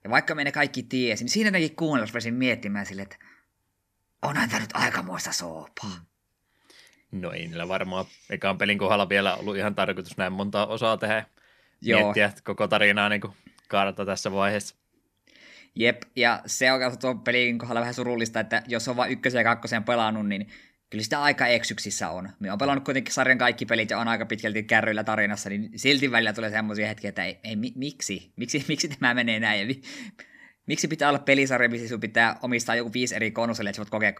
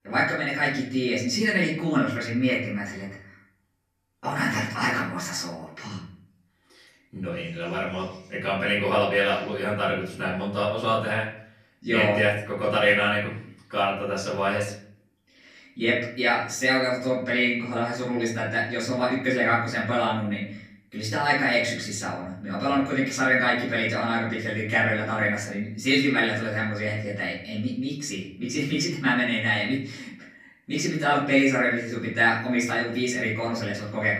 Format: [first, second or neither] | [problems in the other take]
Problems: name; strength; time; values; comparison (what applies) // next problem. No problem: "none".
first | off-mic speech; far // room echo; noticeable; dies away in 0.5 s